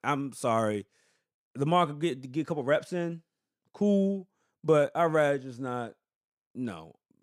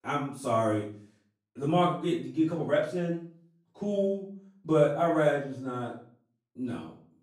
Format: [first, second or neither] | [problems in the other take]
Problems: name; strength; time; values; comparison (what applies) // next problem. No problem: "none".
first | off-mic speech; far // room echo; noticeable; dies away in 0.4 s